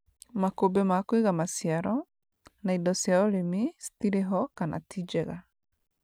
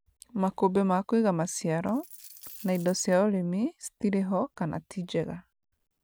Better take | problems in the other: first | background sound (Coin (dropping)); 20 dB below the speech

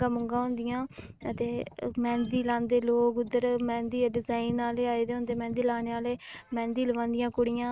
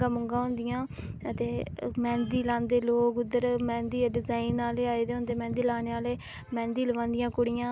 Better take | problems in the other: second | noise reduction (neural mask model RNNoise)

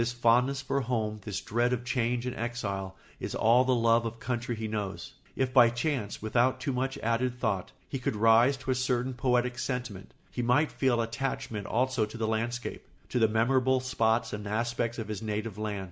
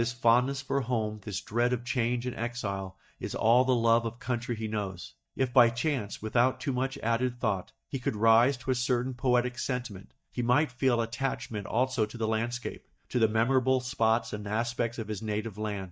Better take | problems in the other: first | noise reduction (neural mask model DeepFilterNet 3)

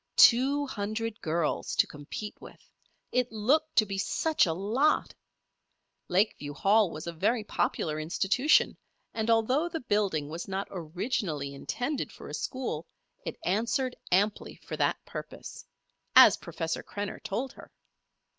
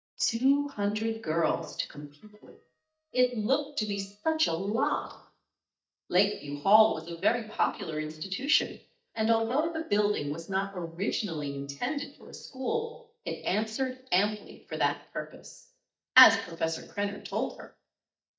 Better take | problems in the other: first | noise reduction (neural mask model DeepFilterNet 3)

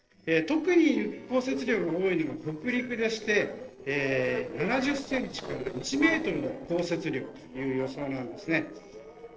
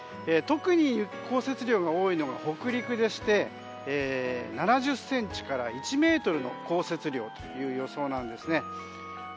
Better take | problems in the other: second | noise reduction (neural separator model SepFormer DNS4)

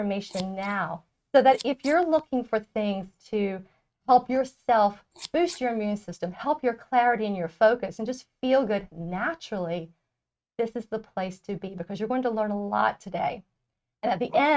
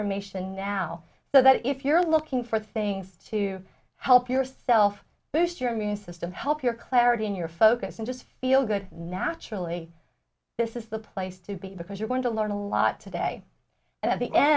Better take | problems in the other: second | noise reduction (neural mask model RNNoise)

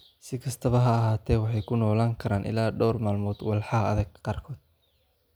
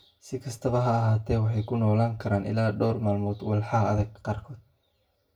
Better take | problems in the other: first | room echo; dies away in 0.2 s

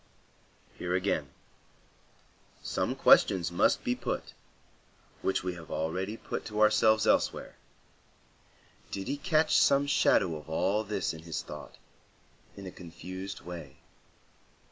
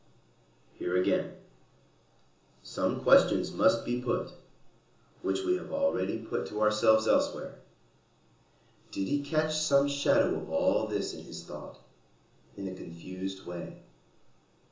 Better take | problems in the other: first | room echo; dies away in 0.6 s

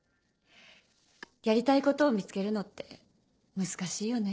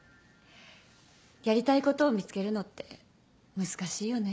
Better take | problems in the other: second | noise reduction (neural separator model SepFormer DNS4)

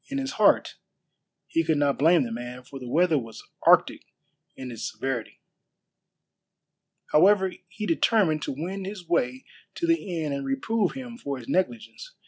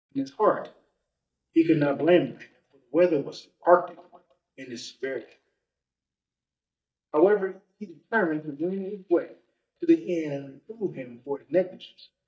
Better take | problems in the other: first | noise reduction (neural mask model DeepFilterNet 3)

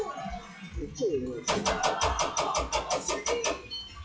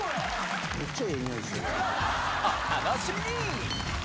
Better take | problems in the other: second | noise reduction (classical method WPE with log-MMSE)

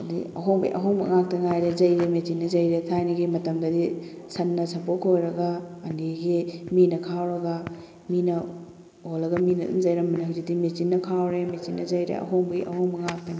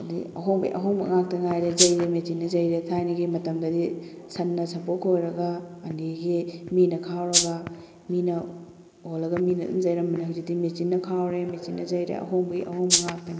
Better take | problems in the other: first | background sound (Rattle (instrument)); 3 dB above the speech

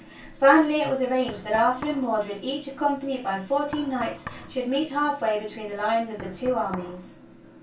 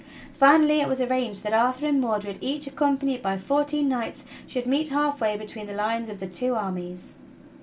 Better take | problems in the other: second | background sound (Knock); 20 dB below the speech // room echo; dies away in 0.2 s

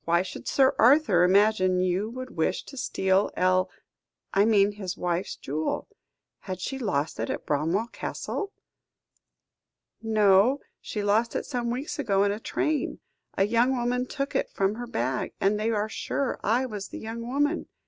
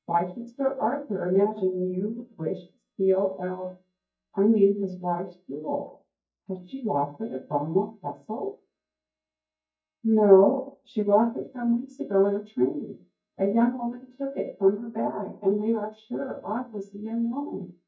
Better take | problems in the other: first | noise reduction (neural mask model DeepFilterNet 3)

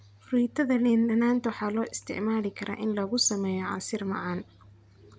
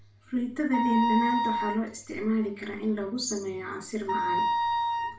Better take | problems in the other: first | background sound (Wind instrument, woodwind instrument); 2 dB above the speech // room echo; dies away in 0.4 s

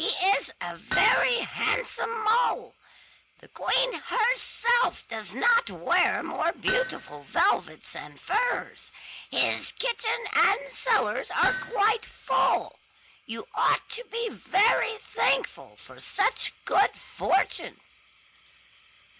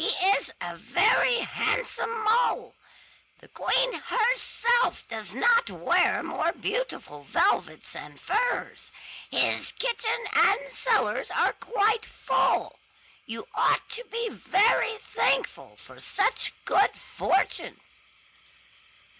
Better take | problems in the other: second | background sound (Hammer); 8 dB below the speech

